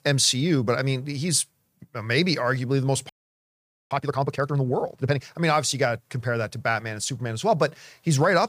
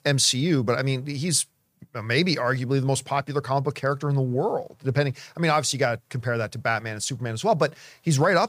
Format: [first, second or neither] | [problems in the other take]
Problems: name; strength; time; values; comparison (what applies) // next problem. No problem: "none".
second | audio freezing; at 3 s for 1 s